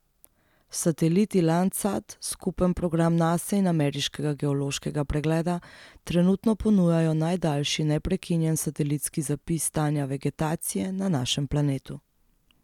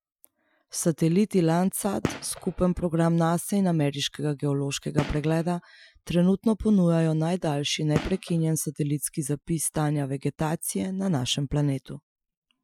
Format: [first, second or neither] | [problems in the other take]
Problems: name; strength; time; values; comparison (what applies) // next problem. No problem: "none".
first | noise reduction (classical method Wiener filter)